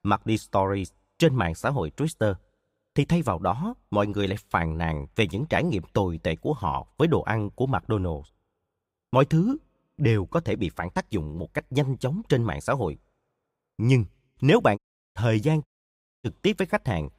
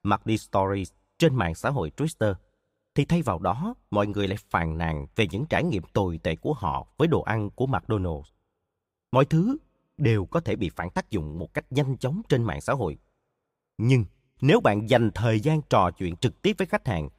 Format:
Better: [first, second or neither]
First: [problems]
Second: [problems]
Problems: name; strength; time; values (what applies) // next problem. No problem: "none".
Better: second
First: audio cutting out; at 15 s and at 16 s for 0.5 s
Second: none